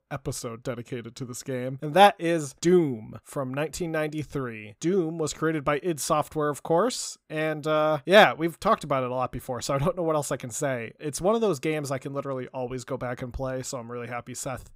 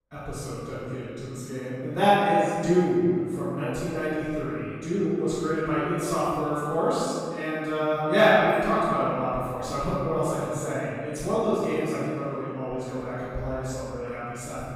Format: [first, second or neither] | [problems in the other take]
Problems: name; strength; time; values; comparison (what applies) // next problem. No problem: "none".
first | off-mic speech; far // room echo; strong; dies away in 2.1 s